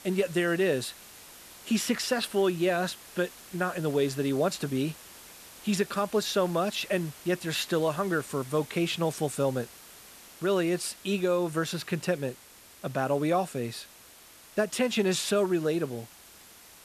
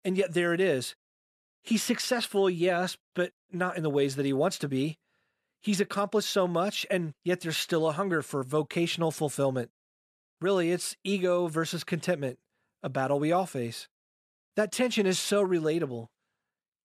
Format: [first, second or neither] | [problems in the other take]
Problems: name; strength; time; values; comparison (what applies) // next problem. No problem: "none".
second | hiss; noticeable; throughout; 20 dB below the speech